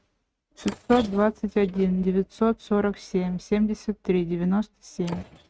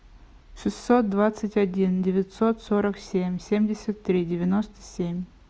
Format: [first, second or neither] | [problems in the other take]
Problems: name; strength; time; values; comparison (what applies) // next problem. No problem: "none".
second | noise reduction (neural mask model RNNoise)